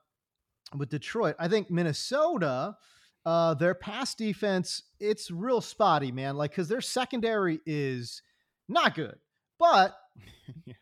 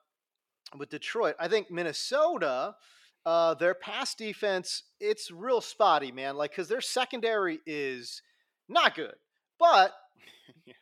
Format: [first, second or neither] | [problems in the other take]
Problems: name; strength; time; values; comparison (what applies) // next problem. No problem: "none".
first | thin; somewhat; fading below 450 Hz